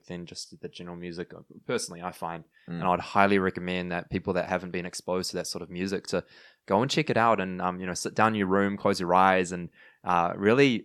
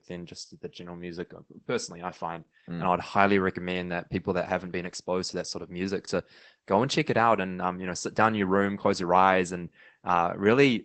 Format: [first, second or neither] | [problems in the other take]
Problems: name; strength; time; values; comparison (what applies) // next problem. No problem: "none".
first | garbled, watery; badly; nothing above 8 kHz